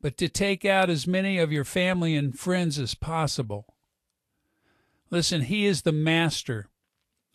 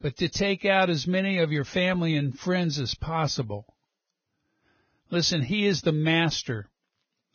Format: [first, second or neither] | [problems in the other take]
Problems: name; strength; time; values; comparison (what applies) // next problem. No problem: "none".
first | garbled, watery; badly; nothing above 6.5 kHz; slightly in the first